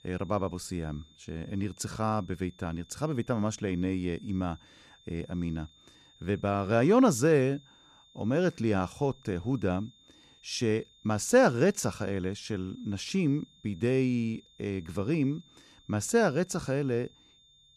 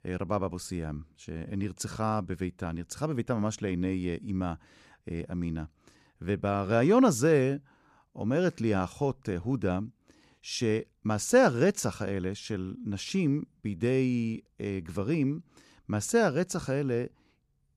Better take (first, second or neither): second